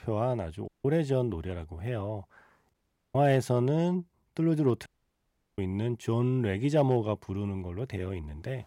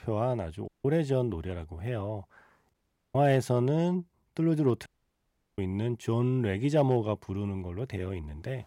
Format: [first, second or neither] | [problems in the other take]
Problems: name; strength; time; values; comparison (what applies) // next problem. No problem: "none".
neither | audio cutting out; at 0.5 s, at 2.5 s and at 5 s for 0.5 s; the same in both